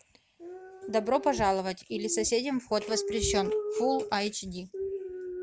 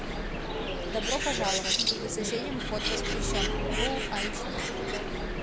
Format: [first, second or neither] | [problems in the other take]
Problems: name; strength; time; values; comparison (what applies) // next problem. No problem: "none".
first | background sound (Bird); 4 dB above the speech